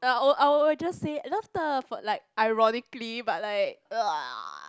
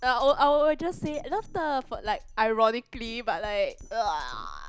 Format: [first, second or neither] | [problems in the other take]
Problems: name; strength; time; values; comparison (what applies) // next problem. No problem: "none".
first | background sound (Drum kit); 17 dB below the speech